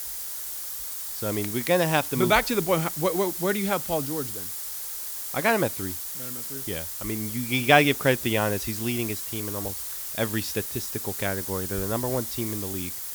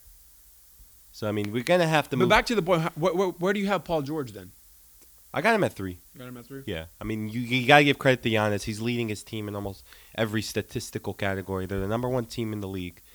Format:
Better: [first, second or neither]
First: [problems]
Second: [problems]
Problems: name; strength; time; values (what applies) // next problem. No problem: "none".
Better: second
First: hiss; loud; throughout; 5 dB below the speech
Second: hiss; faint; throughout; 25 dB below the speech